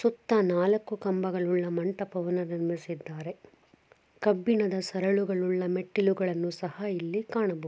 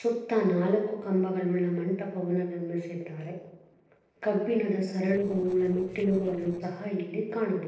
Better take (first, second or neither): first